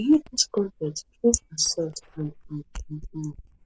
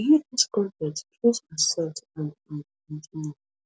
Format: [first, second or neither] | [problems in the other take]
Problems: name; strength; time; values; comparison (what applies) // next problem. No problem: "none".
second | noise reduction (neural mask model Resemble Enhance denoiser)